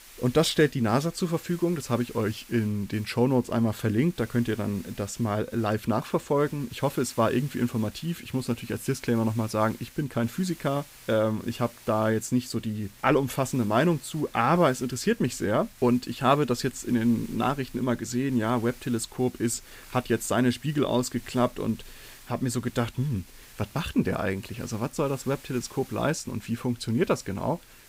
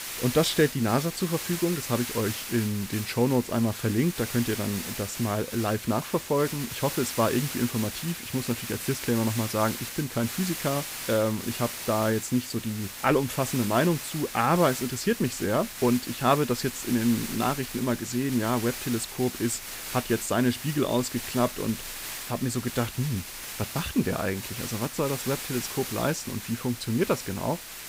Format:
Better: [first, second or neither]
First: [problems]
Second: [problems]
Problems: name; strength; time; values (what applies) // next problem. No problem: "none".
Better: first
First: hiss; faint; throughout; 20 dB below the speech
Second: hiss; loud; throughout; 7 dB below the speech